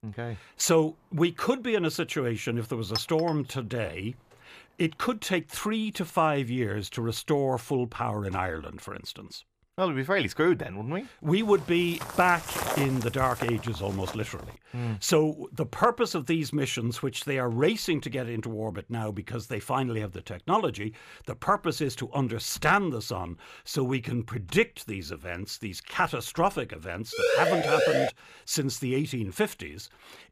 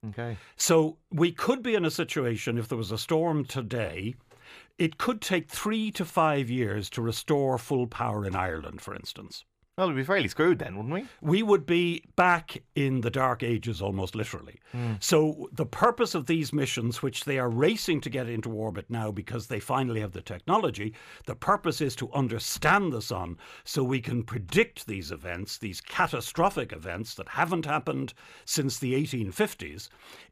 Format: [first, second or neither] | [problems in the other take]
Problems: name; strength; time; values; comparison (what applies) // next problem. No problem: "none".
second | clattering dishes; noticeable; at 3 s; peak 5 dB below the speech // footsteps; noticeable; from 12 to 15 s; peak 1 dB below the speech // siren; loud; at 27 s; peak 5 dB above the speech